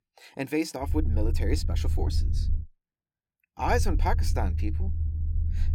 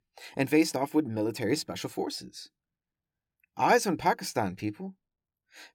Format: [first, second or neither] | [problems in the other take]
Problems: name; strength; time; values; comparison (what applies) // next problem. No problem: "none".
second | low rumble; noticeable; from 1 to 2.5 s and from 3.5 s on; 15 dB below the speech